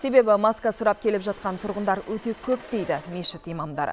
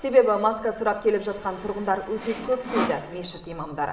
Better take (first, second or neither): first